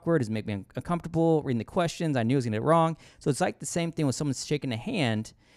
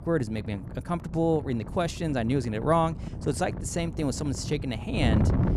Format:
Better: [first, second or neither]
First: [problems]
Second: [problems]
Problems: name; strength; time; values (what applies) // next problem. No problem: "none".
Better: first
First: none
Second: wind noise on the microphone; occasional gusts; 10 dB below the speech